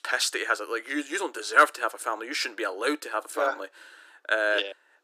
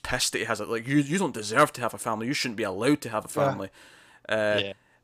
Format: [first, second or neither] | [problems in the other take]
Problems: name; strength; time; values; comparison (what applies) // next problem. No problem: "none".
second | thin; somewhat; fading below 300 Hz